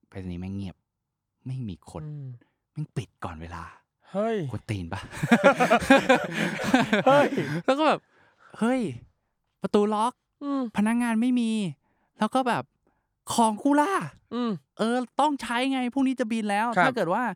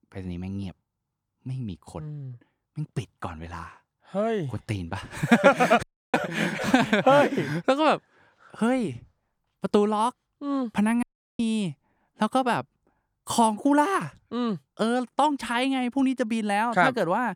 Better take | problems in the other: first | audio cutting out; at 6 s and at 11 s

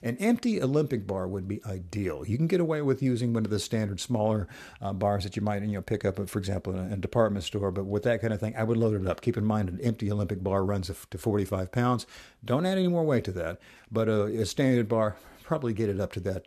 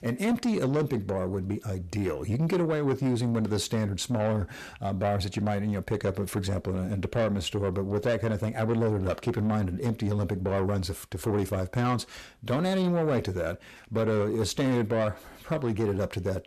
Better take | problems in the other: first | distortion; slight; 10 dB below the speech

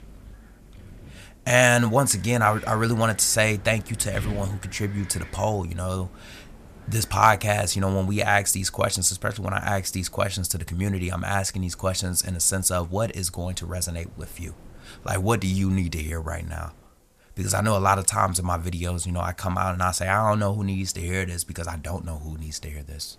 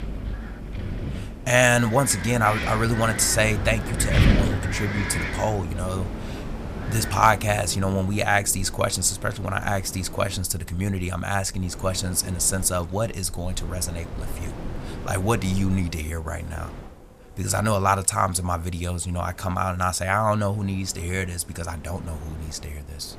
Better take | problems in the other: first | wind in the background; loud; throughout; 7 dB below the speech; faint in the first

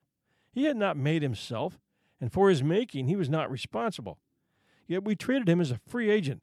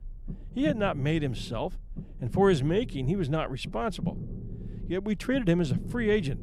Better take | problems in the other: first | low rumble; noticeable; throughout; 15 dB below the speech

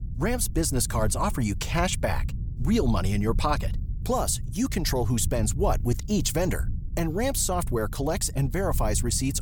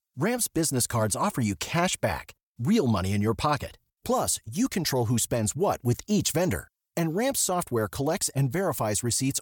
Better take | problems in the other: second | low rumble; noticeable; throughout; 20 dB below the speech

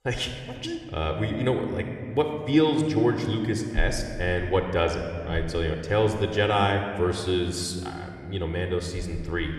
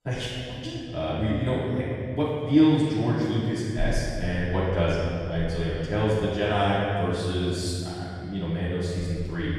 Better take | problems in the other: first | room echo; strong; dies away in 2.4 s; slight in the first // off-mic speech; far

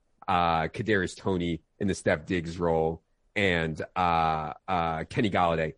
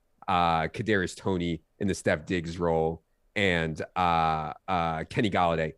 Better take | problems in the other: second | garbled, watery; slightly; nothing above 10.5 kHz

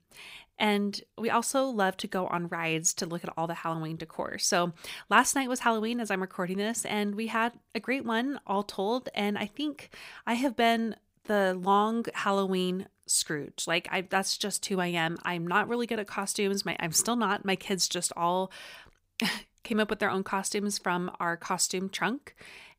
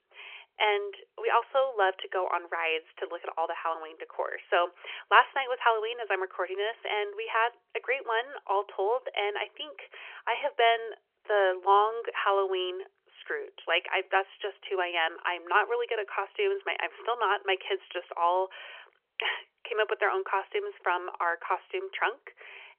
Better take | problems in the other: first | phone-call audio; nothing above 3.5 kHz

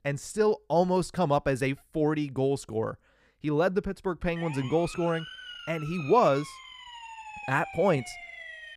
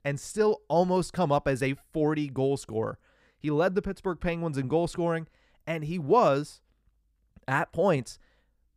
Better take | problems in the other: second | siren; faint; from 4.5 s on; peak 10 dB below the speech

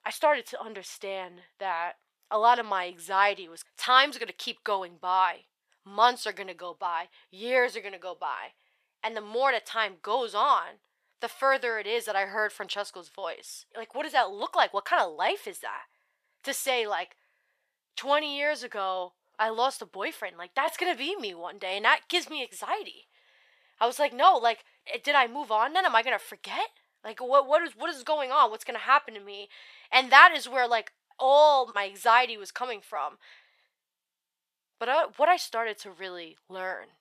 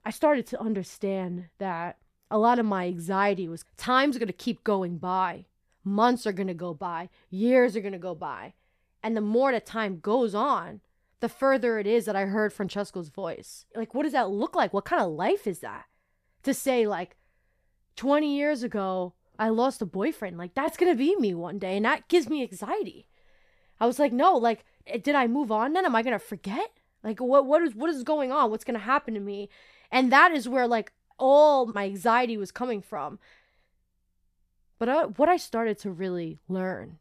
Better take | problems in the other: second | thin; very; fading below 850 Hz

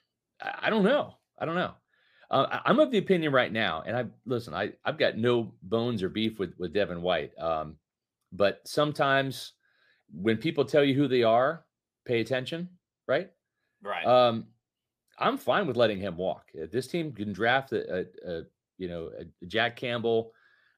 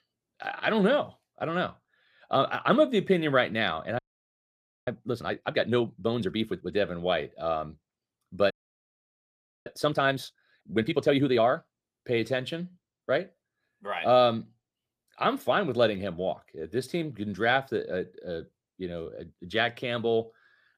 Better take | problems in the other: first | audio freezing; at 4 s for 1 s and at 8.5 s for 1 s

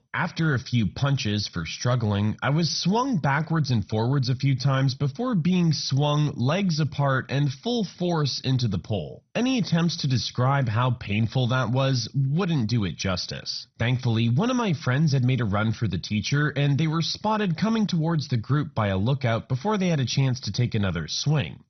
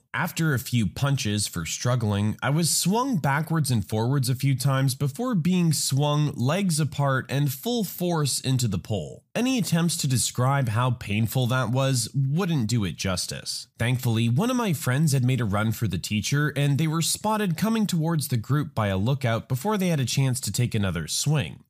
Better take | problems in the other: second | garbled, watery; badly; nothing above 6 kHz

